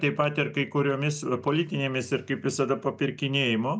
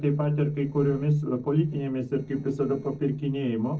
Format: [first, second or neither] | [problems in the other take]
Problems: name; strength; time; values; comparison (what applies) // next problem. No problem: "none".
first | noise reduction (neural separator model SepFormer DNS4)